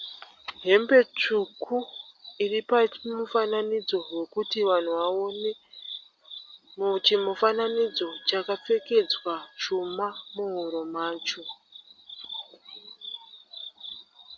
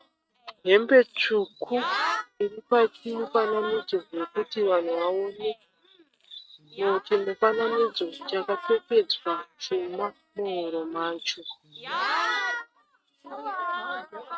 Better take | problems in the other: first | noise reduction (neural mask model RNNoise)

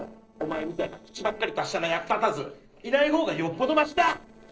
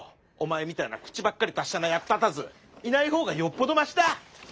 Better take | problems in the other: second | noise reduction (neural separator model SepFormer DNS4)

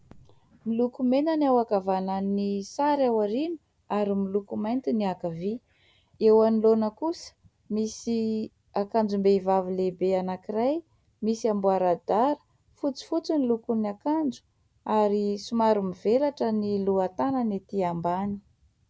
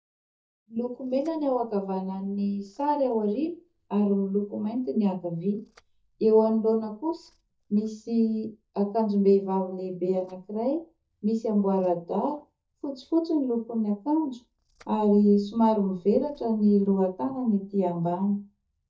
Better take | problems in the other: first | noise reduction (neural mask model DeepFilterNet 3)

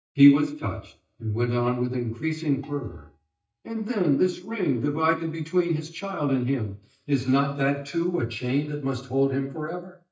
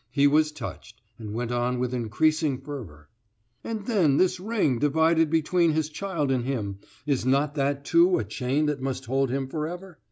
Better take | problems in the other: second | noise reduction (neural mask model DeepFilterNet 3)

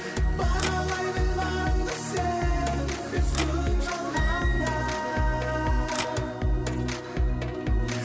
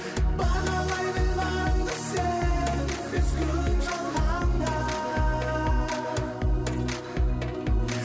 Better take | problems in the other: second | background sound (Wind instrument, woodwind instrument + Typewriter); 15 dB below the speech

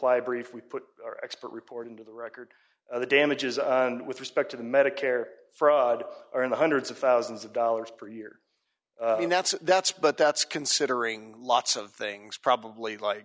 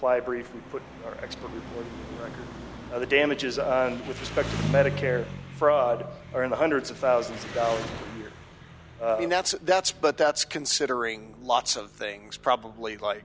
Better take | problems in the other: first | background sound (Engine); 11 dB below the speech

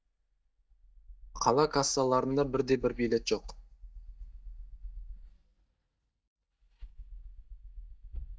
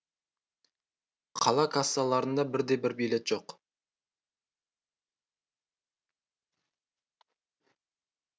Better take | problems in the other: second | noise reduction (neural mask model DeepFilterNet 3)

